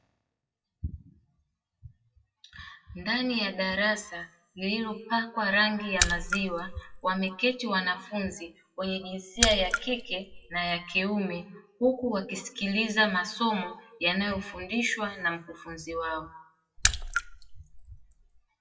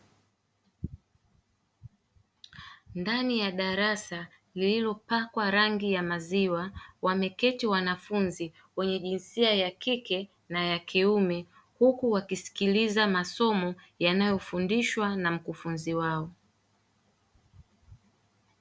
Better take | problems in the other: second | noise reduction (classical method WPE with log-MMSE)

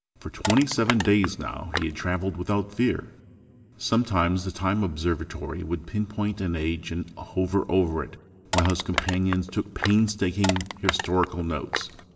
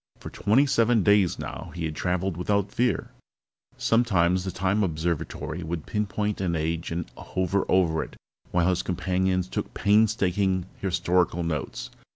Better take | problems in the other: second | background sound (Crushing); 6 dB below the speech // room echo; dies away in 1.8 s

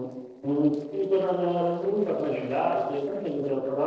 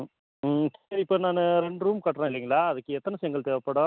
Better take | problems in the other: second | noise reduction (neural separator model SepFormer DNS4)

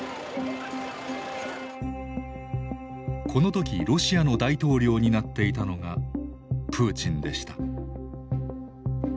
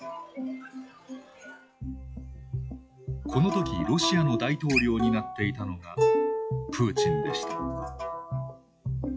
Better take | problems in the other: first | noise reduction (classical method log-MMSE)

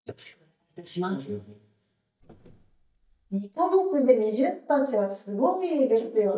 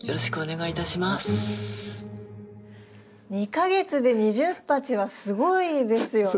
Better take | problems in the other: second | noise reduction (neural mask model DeepFilterNet 3)

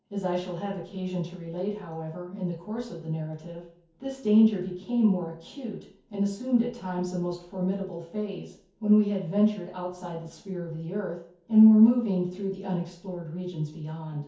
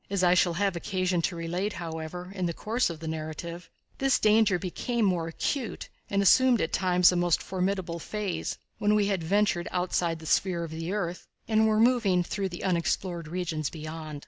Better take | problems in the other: second | room echo; dies away in 0.6 s

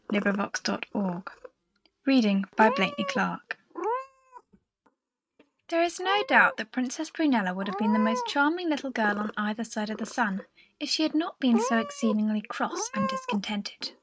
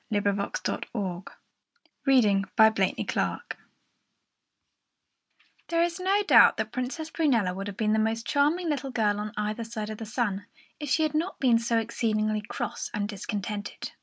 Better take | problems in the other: second | noise reduction (neural mask model RNNoise)

